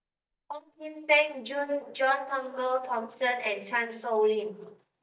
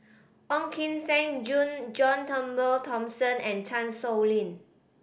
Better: second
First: noise reduction (neural mask model DeepFilterNet 3)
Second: none

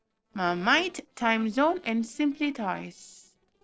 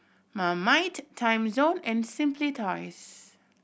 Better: second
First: noise reduction (neural separator model SepFormer DNS4)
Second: none

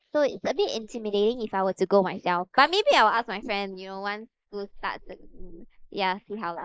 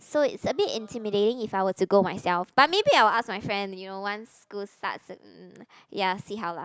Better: second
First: noise reduction (neural mask model Resemble Enhance denoiser)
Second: none

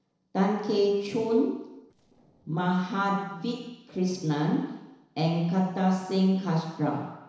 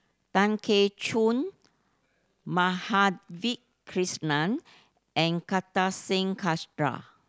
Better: second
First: noise reduction (neural separator model SepFormer DNS4)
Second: none

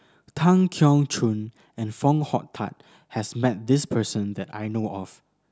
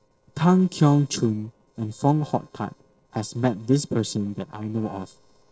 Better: first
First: none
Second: noise reduction (neural separator model SepFormer DNS4)

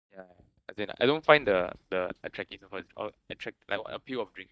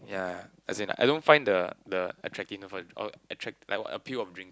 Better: second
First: noise reduction (neural mask model DeepFilterNet 3)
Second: none

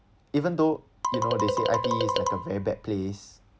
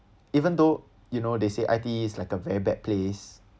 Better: second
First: background sound (Marimba, xylophone); 1 dB above the speech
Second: none

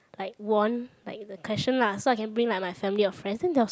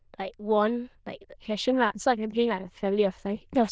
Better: first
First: none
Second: noise reduction (neural diffusion model UNIVERSE++)

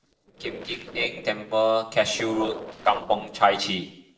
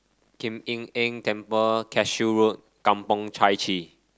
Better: second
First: noise reduction (neural separator model SepFormer DNS4)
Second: none

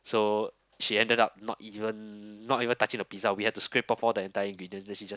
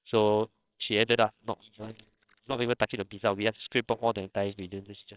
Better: first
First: none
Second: noise reduction (neural separator model SepFormer WHAMR!)

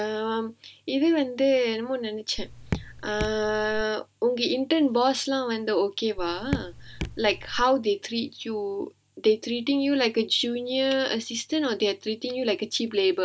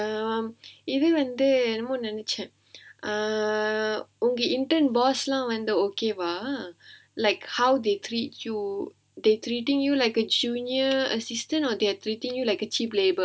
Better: second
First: background sound (Raindrop / Drip); 8 dB below the speech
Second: none

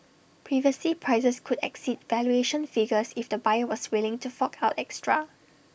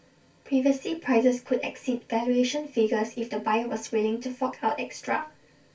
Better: first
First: none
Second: room echo; dies away in 0.2 s

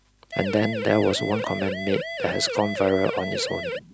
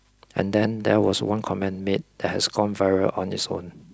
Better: second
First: background sound (Siren); 5 dB below the speech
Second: none

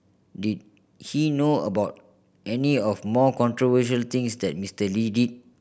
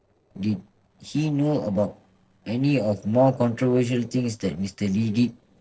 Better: first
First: none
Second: noise reduction (neural separator model SepFormer DNS4)

